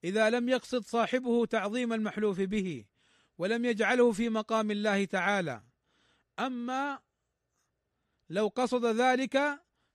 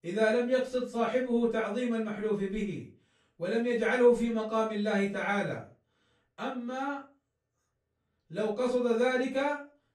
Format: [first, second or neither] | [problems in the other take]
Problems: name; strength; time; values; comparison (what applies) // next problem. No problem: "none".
first | off-mic speech; far // room echo; slight; dies away in 0.3 s